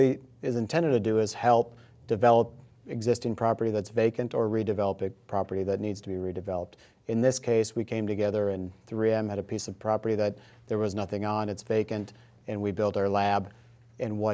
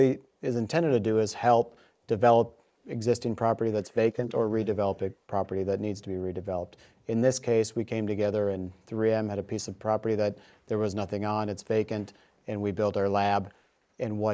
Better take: first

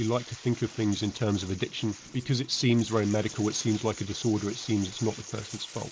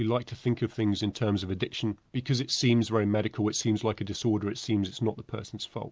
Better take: second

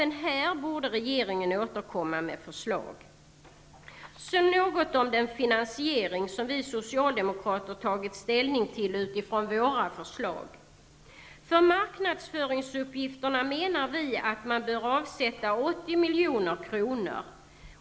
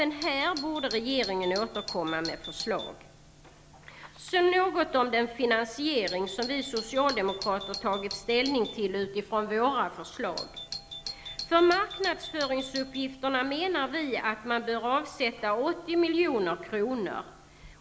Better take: first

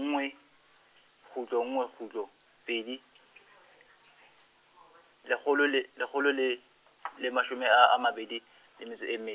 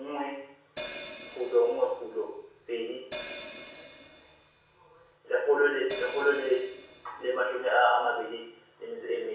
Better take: first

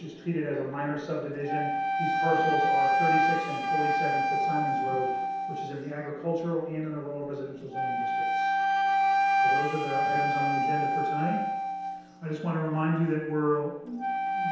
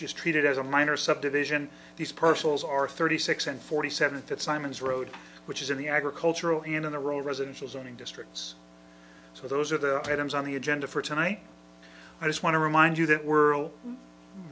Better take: second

